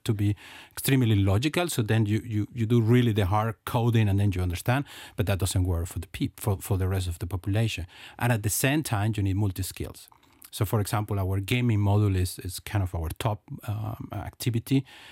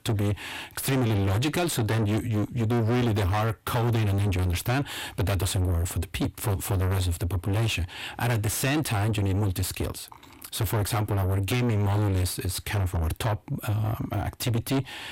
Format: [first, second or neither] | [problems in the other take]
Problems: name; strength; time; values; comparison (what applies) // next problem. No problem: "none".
first | distortion; heavy; 6 dB below the speech